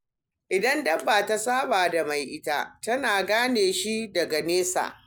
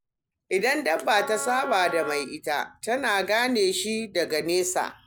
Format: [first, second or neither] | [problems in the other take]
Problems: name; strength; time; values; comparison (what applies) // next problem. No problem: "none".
first | background sound (Wind instrument, woodwind instrument); 11 dB below the speech